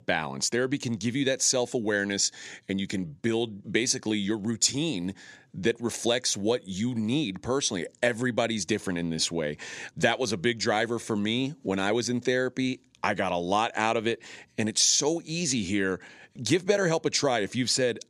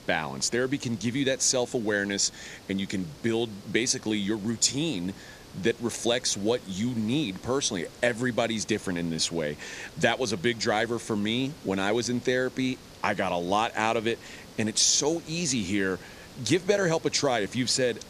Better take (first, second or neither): first